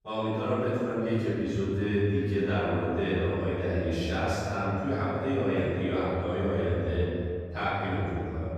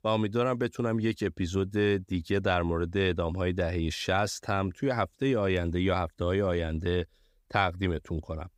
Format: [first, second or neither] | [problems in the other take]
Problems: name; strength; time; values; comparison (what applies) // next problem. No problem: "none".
second | off-mic speech; far // room echo; strong; dies away in 2.5 s